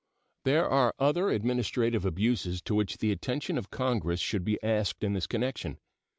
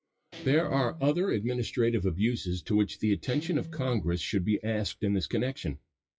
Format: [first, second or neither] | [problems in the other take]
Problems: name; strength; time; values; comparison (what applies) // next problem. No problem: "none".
first | noise reduction (classical method WPE with log-MMSE)